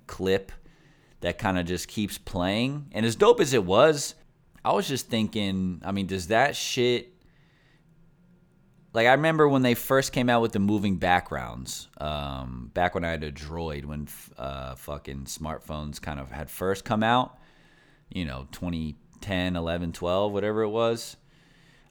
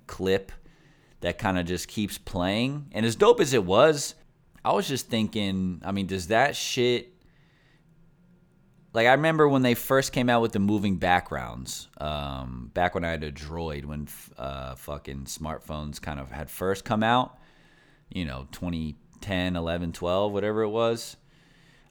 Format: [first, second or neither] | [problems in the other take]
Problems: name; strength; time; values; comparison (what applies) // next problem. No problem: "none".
neither | none